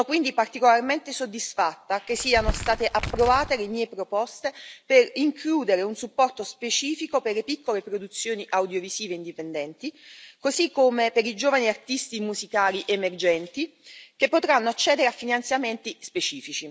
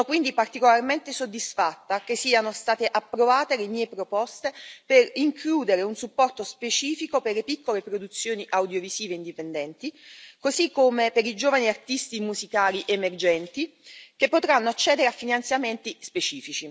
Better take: second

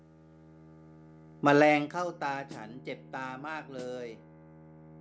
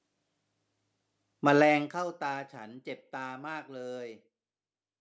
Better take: second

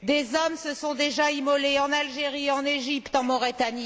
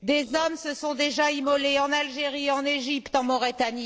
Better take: first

